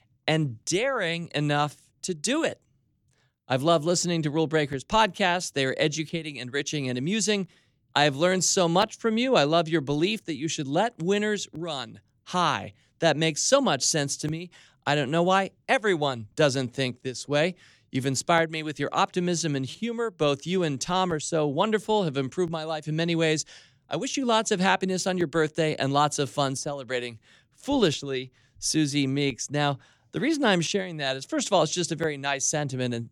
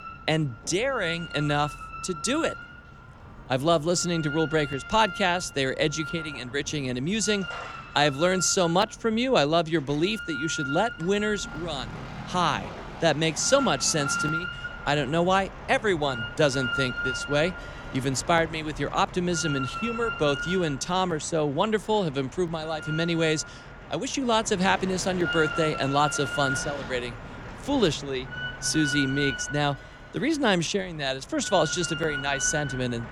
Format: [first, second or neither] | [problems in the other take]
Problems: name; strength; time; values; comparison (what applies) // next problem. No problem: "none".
first | machinery noise; loud; throughout; 9 dB below the speech